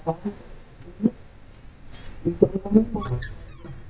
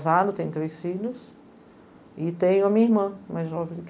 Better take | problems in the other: second | noise reduction (neural mask model DeepFilterNet 3)

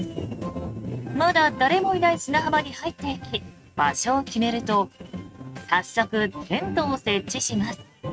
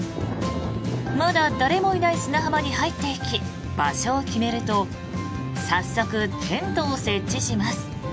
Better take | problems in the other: second | noise reduction (neural mask model RNNoise)

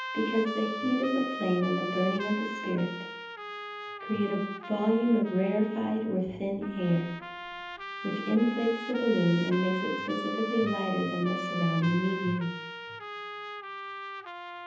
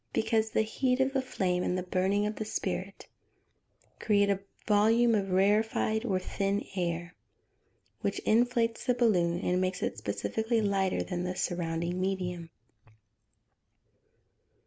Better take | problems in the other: second | background sound (Trumpet); 8 dB below the speech // room echo; dies away in 0.8 s

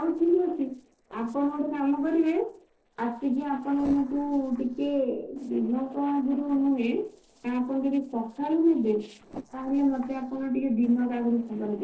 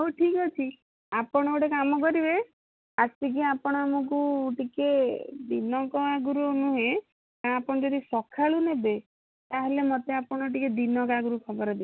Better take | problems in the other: second | noise reduction (neural separator model SepFormer DNS4)

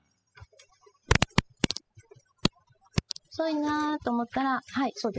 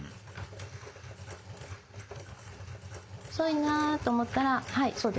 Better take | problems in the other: second | noise reduction (classical method spectral subtraction)

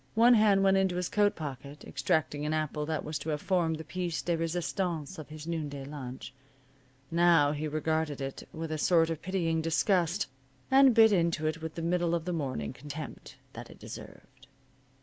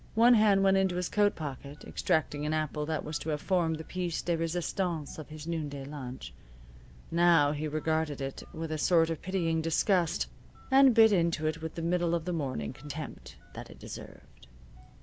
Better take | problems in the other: first | background sound (Telephone); 20 dB below the speech

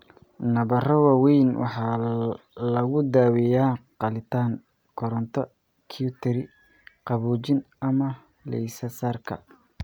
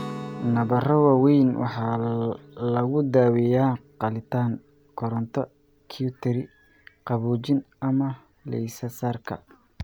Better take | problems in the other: first | background sound (Guitar); 19 dB below the speech

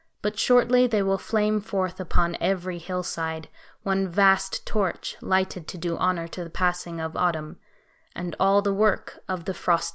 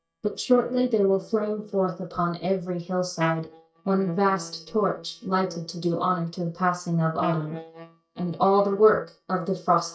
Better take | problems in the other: first | noise reduction (neural mask model DeepFilterNet 3)

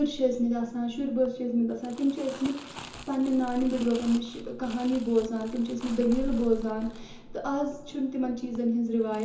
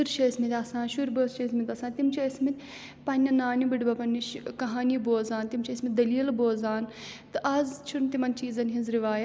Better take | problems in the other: second | background sound (Crumpling, crinkling); 14 dB below the speech // room echo; dies away in 0.7 s

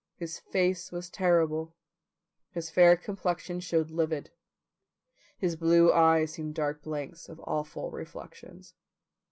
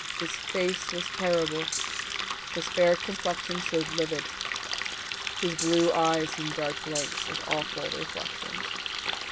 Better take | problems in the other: first | background sound (Rattle (instrument) + Water tap, faucet); 2 dB below the speech

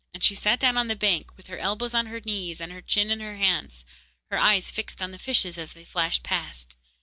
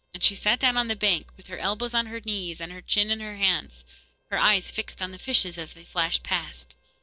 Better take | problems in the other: first | noise reduction (neural separator model SepFormer DNS4)

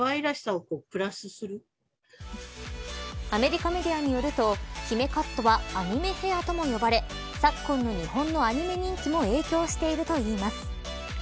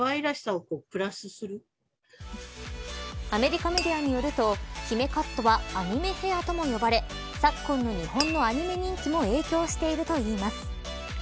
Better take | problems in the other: first | background sound (Glass); 9 dB below the speech

